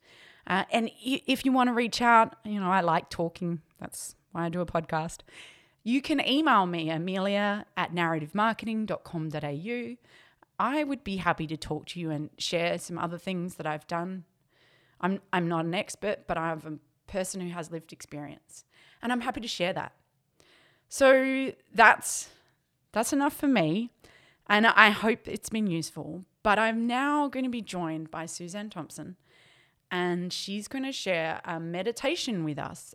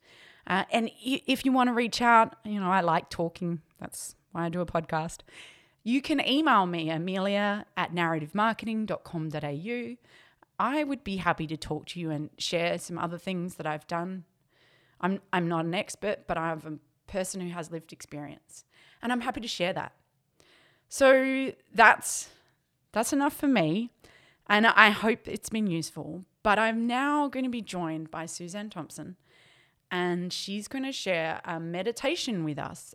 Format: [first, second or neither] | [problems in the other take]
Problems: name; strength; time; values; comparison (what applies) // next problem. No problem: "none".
neither | none